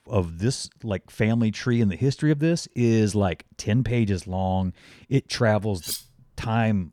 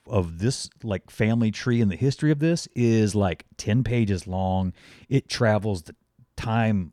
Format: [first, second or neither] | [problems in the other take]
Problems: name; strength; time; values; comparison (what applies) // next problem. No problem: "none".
second | clattering dishes; noticeable; at 6 s; peak 7 dB below the speech